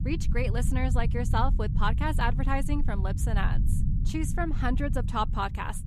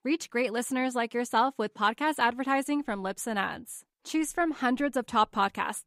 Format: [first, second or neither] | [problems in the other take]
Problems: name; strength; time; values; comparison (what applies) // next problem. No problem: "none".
second | low rumble; noticeable; throughout; 10 dB below the speech